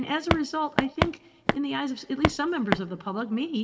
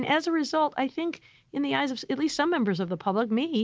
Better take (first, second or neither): second